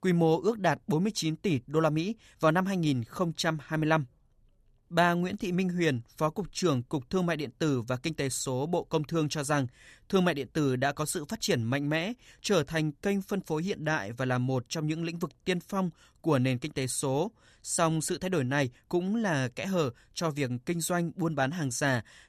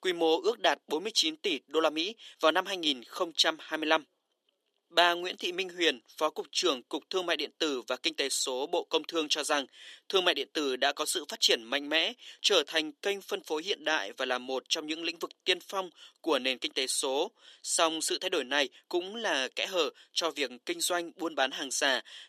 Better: first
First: none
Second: thin; somewhat; fading below 300 Hz

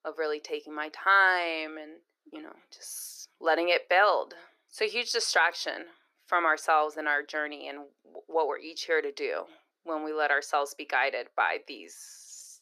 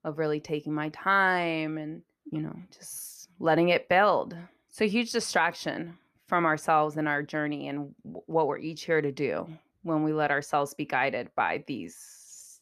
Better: second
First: thin; very; fading below 400 Hz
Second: none

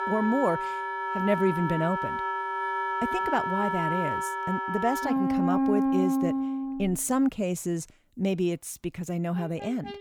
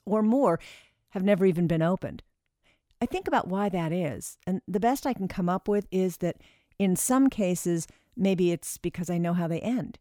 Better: second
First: background music; very loud; throughout; 1 dB above the speech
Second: none

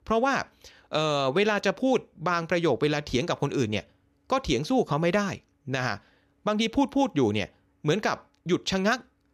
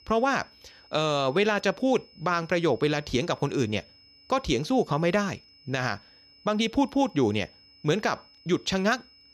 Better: first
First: none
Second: high-pitched whine; faint; throughout; 5 kHz, 25 dB below the speech

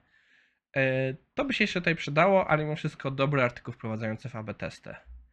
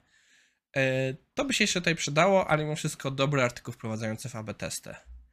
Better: second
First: muffled; slightly; fading above 2.5 kHz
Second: none

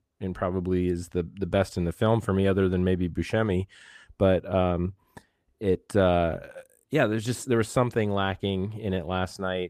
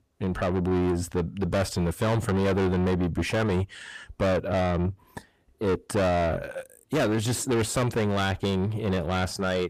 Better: first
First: none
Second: distortion; heavy; 6 dB below the speech

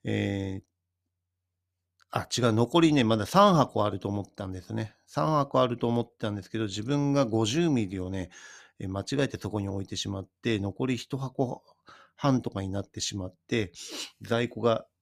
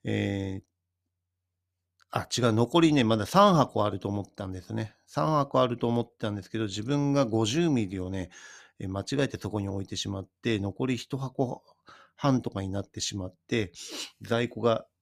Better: neither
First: none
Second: none

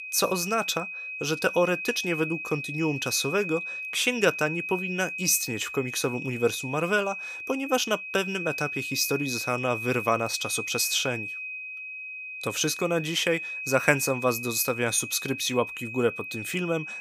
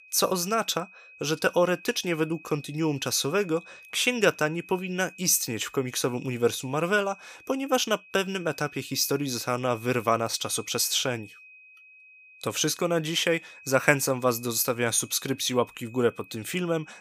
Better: second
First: high-pitched whine; loud; throughout; 2.5 kHz, 6 dB below the speech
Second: high-pitched whine; faint; throughout; 2.5 kHz, 20 dB below the speech

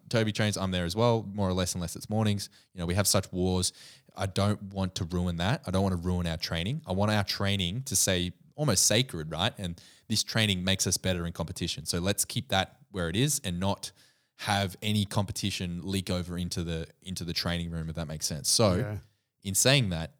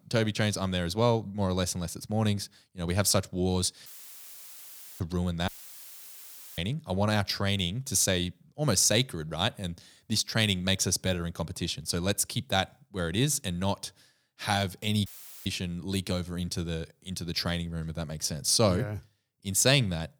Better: first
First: none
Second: audio cutting out; filled with static; at 4 s for 1 s, at 5.5 s for 1 s and at 15 s

